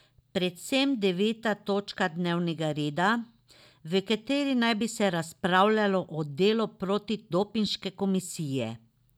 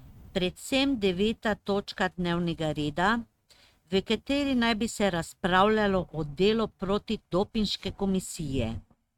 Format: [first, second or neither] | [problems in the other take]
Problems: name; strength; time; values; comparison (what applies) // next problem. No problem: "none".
first | noise reduction (neural mask model RNNoise)